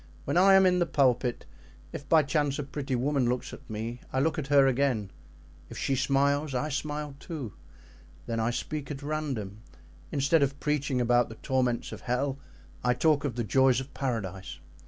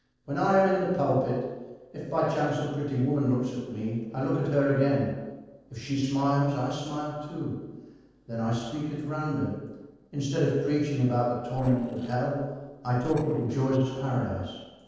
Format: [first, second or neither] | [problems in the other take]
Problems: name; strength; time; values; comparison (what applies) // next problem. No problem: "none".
first | noise reduction (neural separator model SepFormer DNS4)